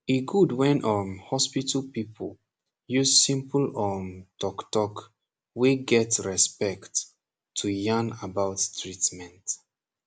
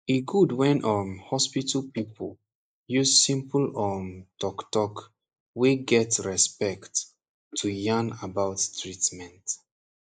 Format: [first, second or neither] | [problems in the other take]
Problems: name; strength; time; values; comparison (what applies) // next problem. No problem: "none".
first | noise reduction (neural mask model Resemble Enhance denoiser)